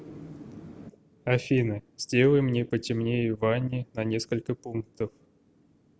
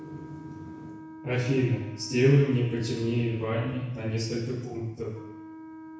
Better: first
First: none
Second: background sound (Wind instrument, woodwind instrument); 17 dB below the speech // room echo; dies away in 1 s

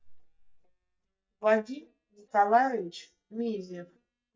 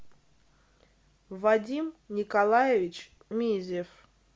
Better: second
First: noise reduction (neural mask model DeepFilterNet 3)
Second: none

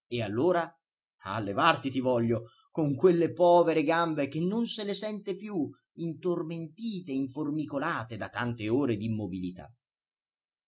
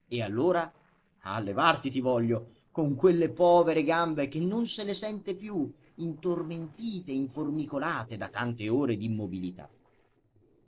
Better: first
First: none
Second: noise reduction (neural separator model SepFormer DNS4)

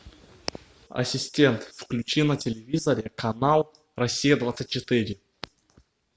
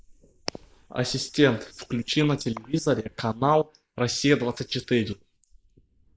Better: first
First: none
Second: noise reduction (neural mask model Resemble Enhance denoiser)

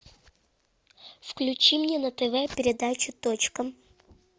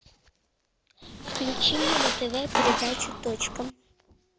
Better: first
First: none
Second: background sound (Squeak); 3 dB above the speech

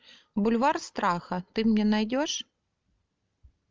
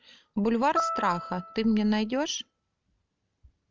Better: first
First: none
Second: background sound (Piano); 6 dB below the speech

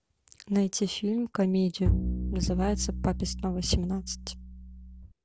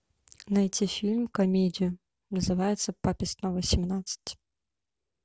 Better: second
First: background sound (Bowed string instrument); 2 dB below the speech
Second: none

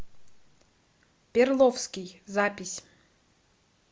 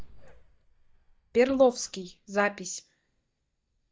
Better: first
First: none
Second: noise reduction (neural mask model DeepFilterNet 3)

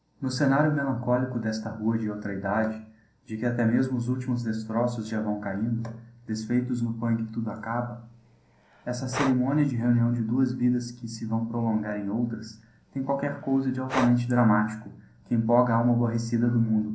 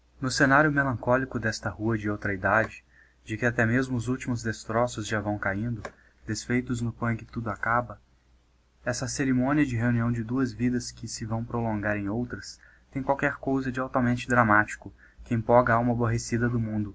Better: second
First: background sound (Breathing); 13 dB below the speech // room echo; dies away in 0.6 s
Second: none

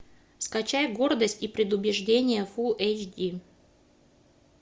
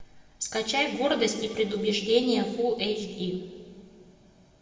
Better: first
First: none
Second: room echo; dies away in 1.9 s

